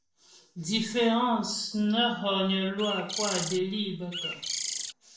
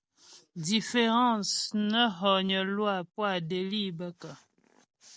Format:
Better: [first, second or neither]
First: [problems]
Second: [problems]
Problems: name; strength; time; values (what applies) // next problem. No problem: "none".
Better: second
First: background sound (Bird); 4 dB below the speech // room echo; dies away in 0.5 s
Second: none